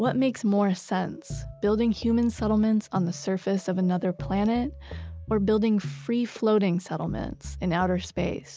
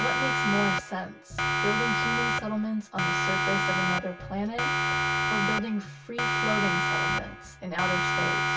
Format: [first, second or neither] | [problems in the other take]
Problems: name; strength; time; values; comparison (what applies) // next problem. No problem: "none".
first | background sound (Siren); 5 dB above the speech // room echo; dies away in 0.1 s